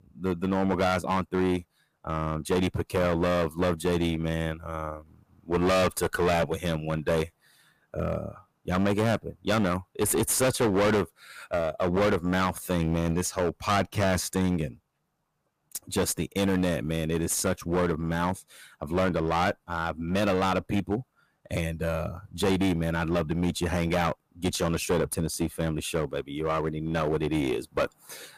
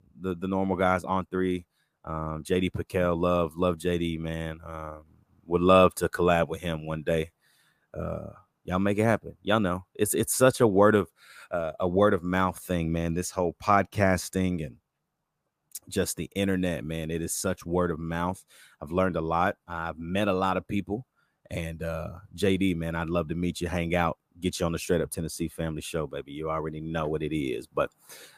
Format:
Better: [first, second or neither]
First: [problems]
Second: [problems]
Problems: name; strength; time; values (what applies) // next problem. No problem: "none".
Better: second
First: distortion; heavy; 12% of the sound clipped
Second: none